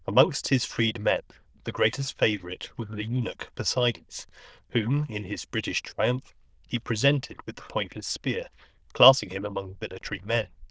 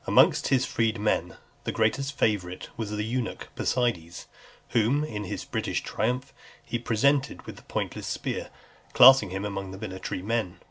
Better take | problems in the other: second | noise reduction (neural diffusion model UNIVERSE++)

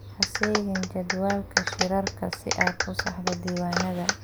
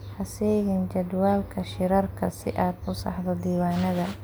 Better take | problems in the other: second | background sound (Clapping); 1 dB below the speech

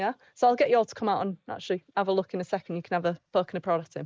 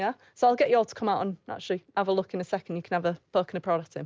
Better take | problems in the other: second | noise reduction (neural mask model Resemble Enhance denoiser)

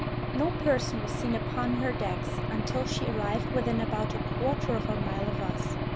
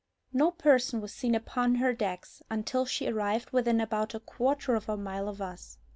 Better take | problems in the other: second | background sound (Engine / Aircraft); 2 dB above the speech

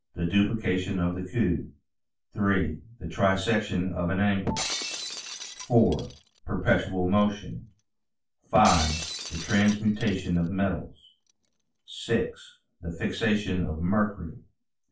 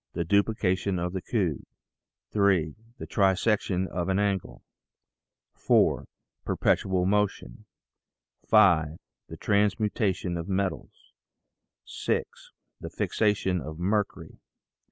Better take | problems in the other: second | background sound (Shatter); 10 dB below the speech // room echo; dies away in 0.2 s

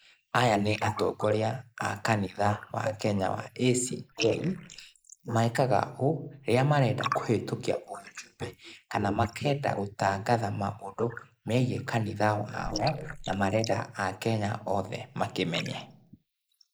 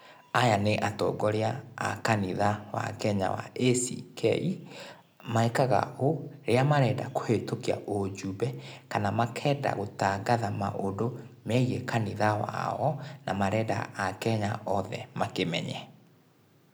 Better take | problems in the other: second | noise reduction (neural mask model Resemble Enhance denoiser)

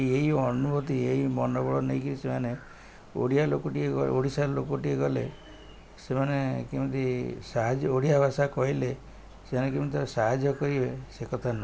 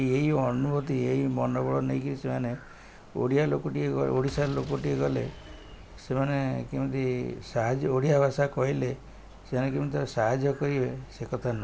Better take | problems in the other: first | background sound (Boom); 19 dB below the speech

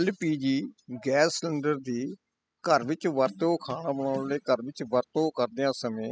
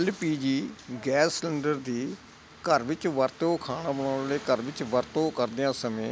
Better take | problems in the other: second | noise reduction (classical method spectral subtraction)

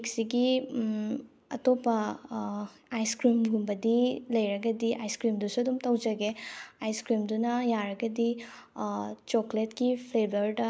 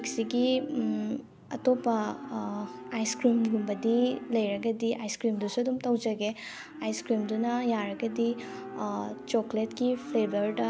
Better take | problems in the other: first | background sound (Livestock, farm animals, working animals); 13 dB below the speech

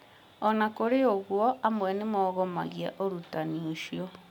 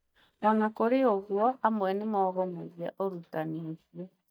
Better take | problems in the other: first | noise reduction (neural mask model DeepFilterNet 3)

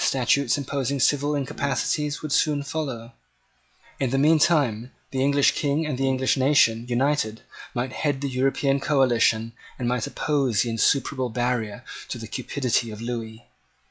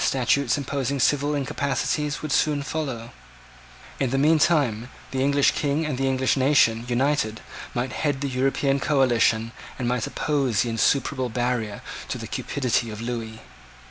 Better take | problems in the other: second | noise reduction (classical method log-MMSE)

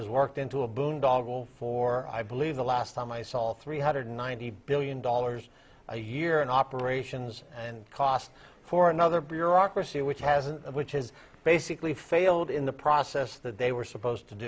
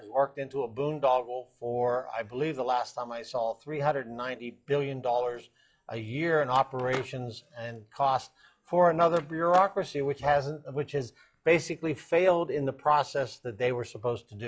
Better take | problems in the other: first | noise reduction (classical method log-MMSE)

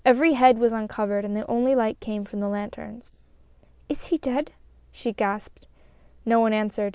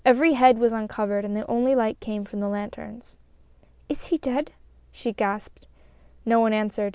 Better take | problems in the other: second | noise reduction (neural mask model Resemble Enhance denoiser)

